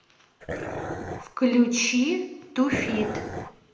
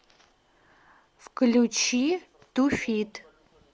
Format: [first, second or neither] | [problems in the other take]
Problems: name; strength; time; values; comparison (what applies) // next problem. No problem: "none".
second | background sound (Dog); 7 dB below the speech // room echo; dies away in 0.8 s